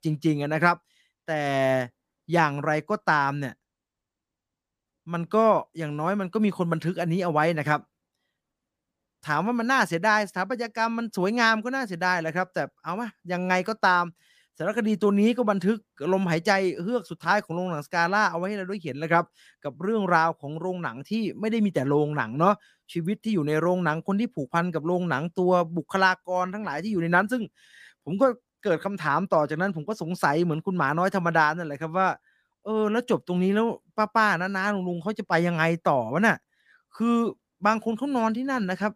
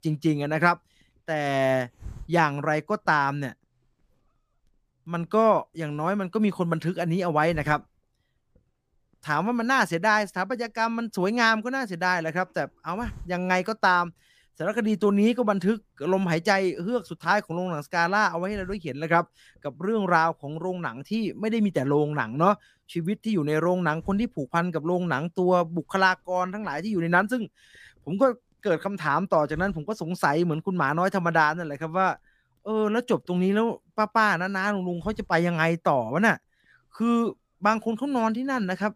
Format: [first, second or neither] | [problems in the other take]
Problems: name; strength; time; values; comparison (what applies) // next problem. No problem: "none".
first | hiss; faint; throughout; 25 dB below the speech